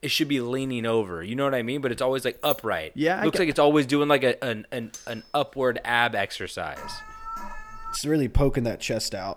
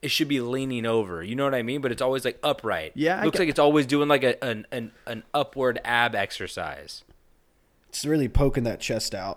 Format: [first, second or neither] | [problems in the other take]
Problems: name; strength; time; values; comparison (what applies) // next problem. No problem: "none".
second | jangling keys; noticeable; at 2.5 s; peak 8 dB below the speech // clattering dishes; faint; at 5 s; peak 20 dB below the speech // alarm; faint; from 7 to 8 s; peak 10 dB below the speech